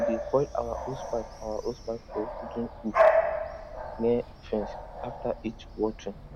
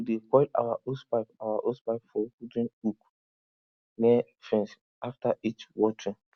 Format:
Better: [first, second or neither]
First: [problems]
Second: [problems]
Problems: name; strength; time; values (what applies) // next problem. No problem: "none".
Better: second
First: background sound (Bark / Bird vocalization, bird call, bird song); 2 dB above the speech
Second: none